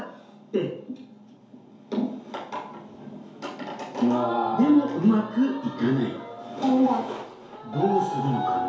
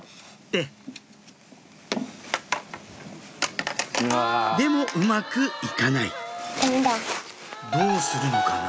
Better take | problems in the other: second | room echo; dies away in 2.4 s

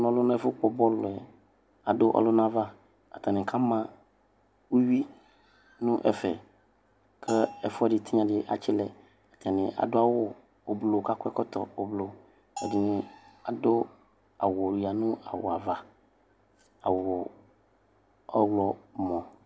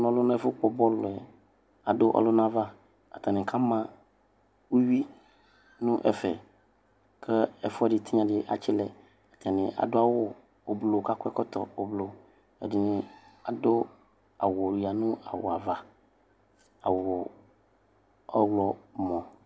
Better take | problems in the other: second | background sound (Bell); 14 dB below the speech

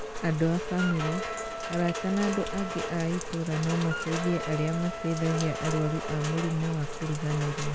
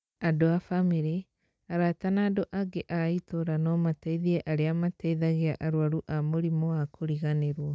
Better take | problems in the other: second | background sound (Wind instrument, woodwind instrument + Rain); 5 dB below the speech

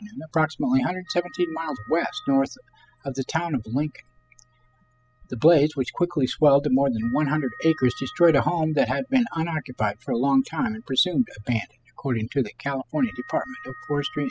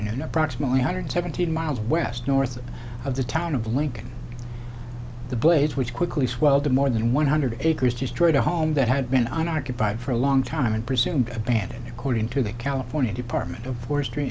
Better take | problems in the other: second | noise reduction (classical method spectral subtraction)

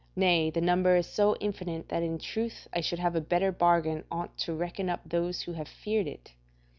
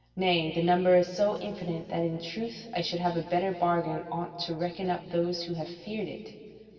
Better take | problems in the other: first | room echo; dies away in 2.4 s

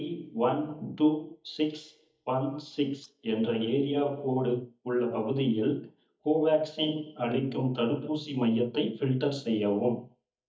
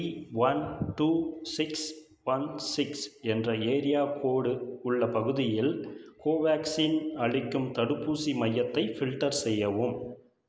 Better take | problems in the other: second | noise reduction (neural mask model DeepFilterNet 3)

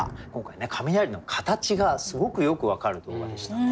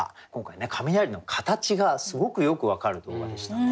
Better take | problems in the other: second | background sound (Thunder); 17 dB below the speech

